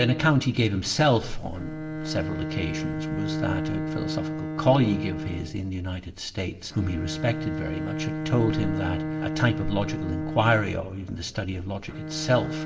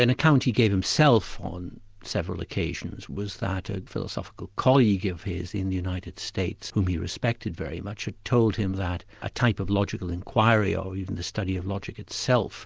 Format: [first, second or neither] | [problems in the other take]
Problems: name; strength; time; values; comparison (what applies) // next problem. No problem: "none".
second | background sound (Bowed string instrument); 5 dB below the speech // room echo; dies away in 1.5 s